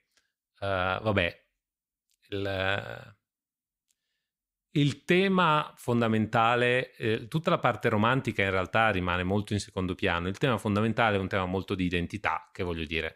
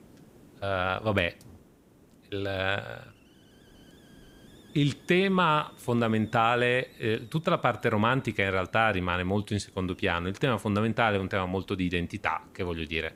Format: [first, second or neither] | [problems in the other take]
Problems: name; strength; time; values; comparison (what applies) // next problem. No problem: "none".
first | hiss; faint; throughout; 25 dB below the speech